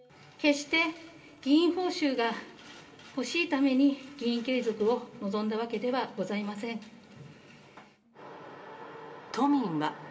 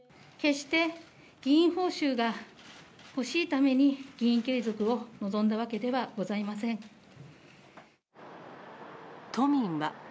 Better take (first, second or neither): second